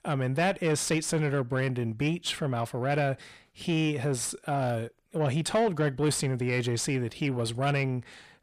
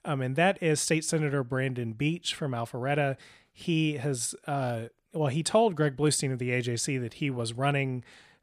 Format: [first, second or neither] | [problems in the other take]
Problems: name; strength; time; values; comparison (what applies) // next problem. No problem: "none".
second | distortion; slight; 10 dB below the speech